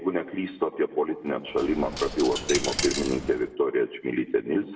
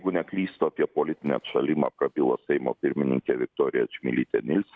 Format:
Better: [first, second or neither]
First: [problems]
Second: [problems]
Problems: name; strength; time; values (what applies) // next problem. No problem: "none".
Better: second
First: background sound (Coin (dropping)); 6 dB below the speech // room echo; dies away in 0.6 s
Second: none